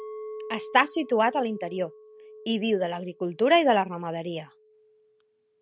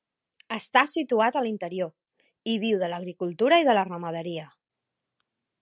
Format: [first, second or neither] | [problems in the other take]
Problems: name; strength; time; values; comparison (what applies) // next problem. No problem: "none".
second | background sound (Chink, clink); 17 dB below the speech